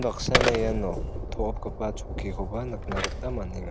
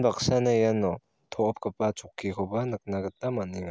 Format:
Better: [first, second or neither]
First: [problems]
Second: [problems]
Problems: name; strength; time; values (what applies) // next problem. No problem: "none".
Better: second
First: background sound (Train + Telephone); 2 dB above the speech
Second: none